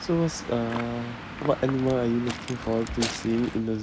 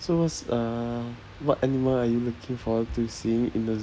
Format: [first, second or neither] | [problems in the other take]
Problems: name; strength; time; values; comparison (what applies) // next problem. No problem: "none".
second | background sound (Waves, surf / Wind); 10 dB below the speech